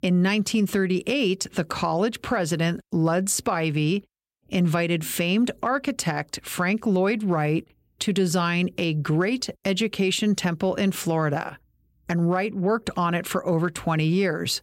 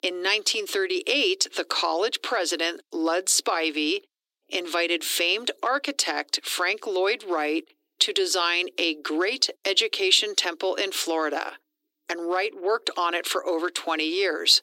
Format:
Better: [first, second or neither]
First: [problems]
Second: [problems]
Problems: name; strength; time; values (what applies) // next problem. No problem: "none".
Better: first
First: none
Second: thin; very; fading below 300 Hz